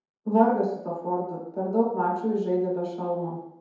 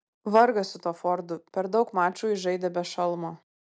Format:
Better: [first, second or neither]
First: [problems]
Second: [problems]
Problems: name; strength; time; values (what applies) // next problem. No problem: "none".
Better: second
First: room echo; dies away in 0.9 s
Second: none